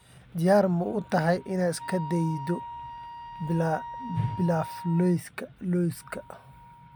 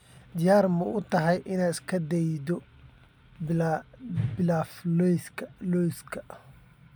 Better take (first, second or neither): second